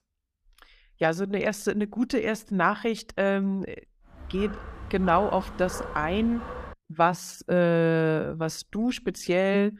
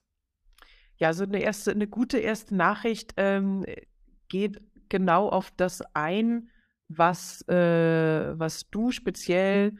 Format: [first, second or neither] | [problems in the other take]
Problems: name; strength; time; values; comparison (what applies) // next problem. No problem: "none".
second | dog barking; faint; from 4 to 6.5 s; peak 10 dB below the speech